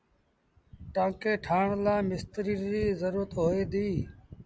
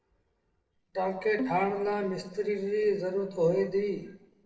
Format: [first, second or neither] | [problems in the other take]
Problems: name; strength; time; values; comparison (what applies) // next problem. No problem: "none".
first | noise reduction (neural separator model SepFormer DNS4)